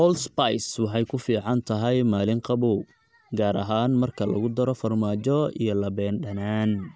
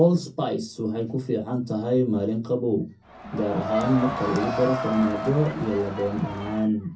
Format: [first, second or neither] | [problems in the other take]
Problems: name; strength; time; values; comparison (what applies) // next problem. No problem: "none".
first | background sound (Crowd); 7 dB below the speech // room echo; dies away in 0.3 s